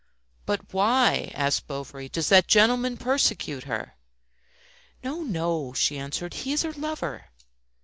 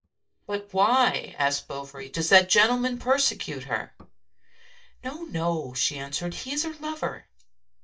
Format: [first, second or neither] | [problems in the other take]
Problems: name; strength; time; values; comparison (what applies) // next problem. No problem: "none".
first | noise reduction (neural mask model DeepFilterNet 3)